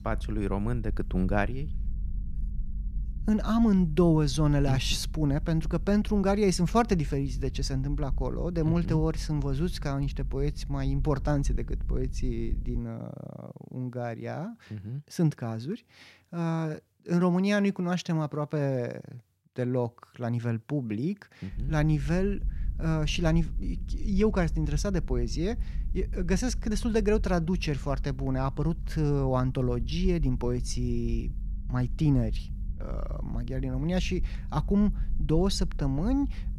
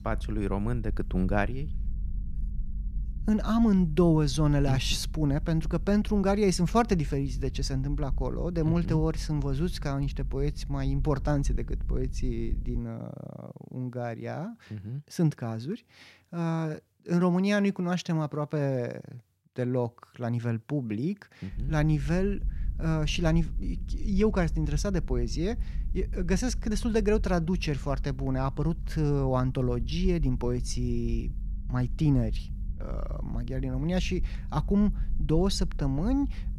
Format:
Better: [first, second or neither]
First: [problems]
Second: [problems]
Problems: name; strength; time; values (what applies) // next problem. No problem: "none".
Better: neither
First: low rumble; faint; until 13 s and from 22 s on; 20 dB below the speech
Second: low rumble; faint; until 13 s and from 22 s on; 20 dB below the speech